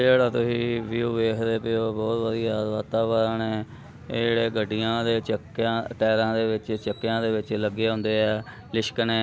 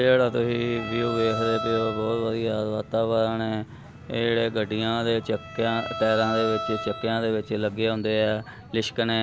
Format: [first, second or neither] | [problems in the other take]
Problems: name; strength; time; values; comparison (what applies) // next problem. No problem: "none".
first | background sound (Bowed string instrument); 11 dB below the speech